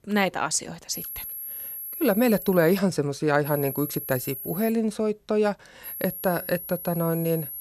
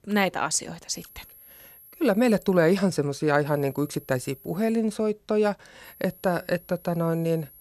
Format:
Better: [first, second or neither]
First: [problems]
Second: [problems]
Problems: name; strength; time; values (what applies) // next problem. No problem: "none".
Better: second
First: high-pitched whine; loud; from 1 to 3 s, from 3.5 to 4.5 s and from 6 s on; 11.5 kHz, 9 dB below the speech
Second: high-pitched whine; faint; from 1 to 3 s, from 3.5 to 4.5 s and from 6 s on; 11.5 kHz, 25 dB below the speech